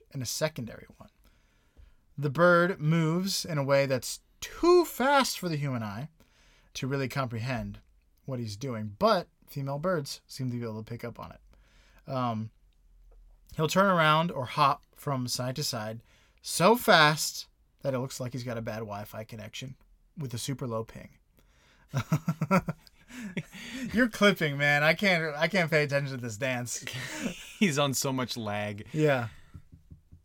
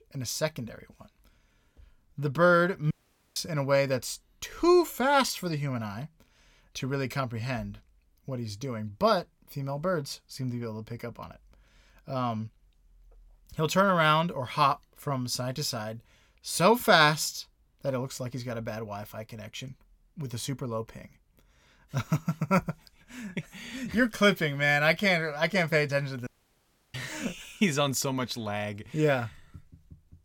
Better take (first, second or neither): first